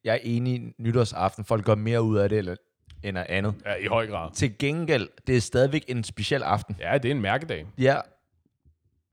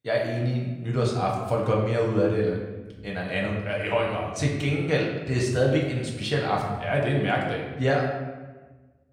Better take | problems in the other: first | room echo; noticeable; dies away in 1 s // off-mic speech; somewhat distant

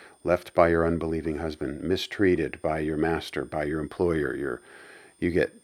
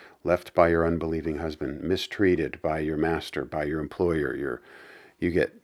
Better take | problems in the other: second | high-pitched whine; faint; throughout; 9 kHz, 35 dB below the speech

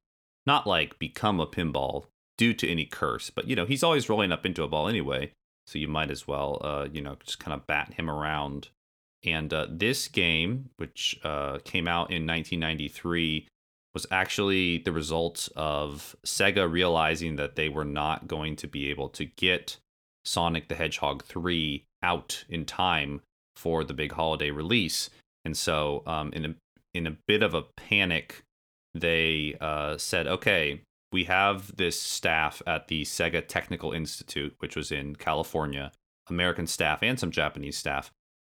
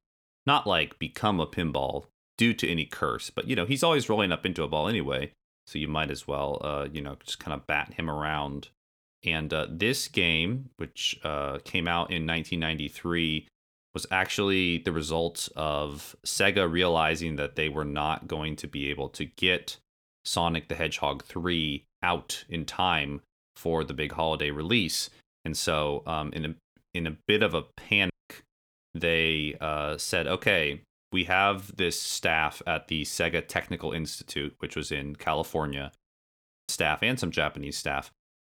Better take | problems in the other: first | audio cutting out; at 28 s and at 36 s for 0.5 s

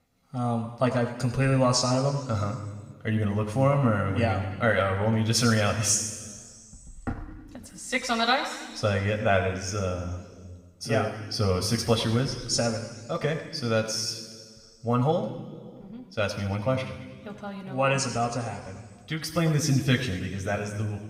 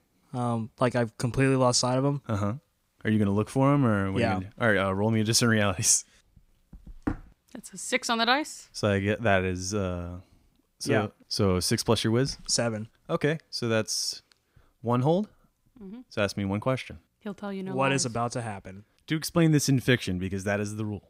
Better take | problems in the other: second | room echo; noticeable; dies away in 1.7 s // off-mic speech; somewhat distant

